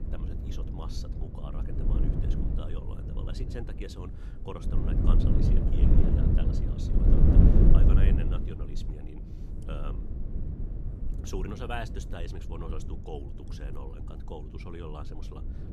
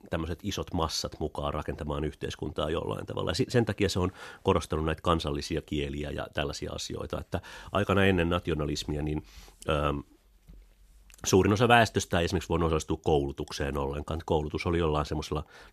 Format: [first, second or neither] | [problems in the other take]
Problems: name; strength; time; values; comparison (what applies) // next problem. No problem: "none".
second | wind noise on the microphone; heavy; 4 dB above the speech